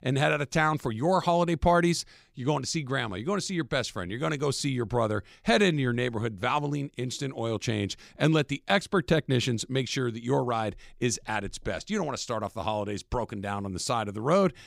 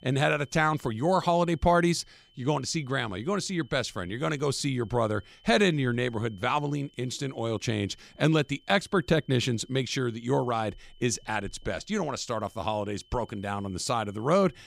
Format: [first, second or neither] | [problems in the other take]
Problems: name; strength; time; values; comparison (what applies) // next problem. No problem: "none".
first | high-pitched whine; faint; throughout; 3 kHz, 30 dB below the speech